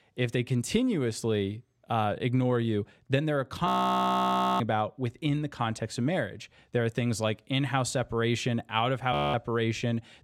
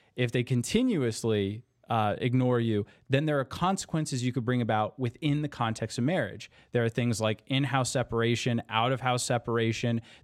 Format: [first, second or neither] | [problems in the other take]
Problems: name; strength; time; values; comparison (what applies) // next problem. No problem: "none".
second | audio freezing; at 3.5 s for 1 s and at 9 s